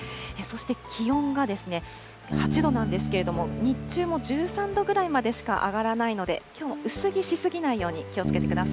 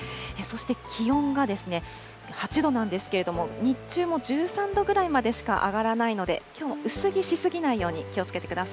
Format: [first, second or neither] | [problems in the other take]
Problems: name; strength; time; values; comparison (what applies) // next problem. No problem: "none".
second | background sound (Bass guitar); 6 dB below the speech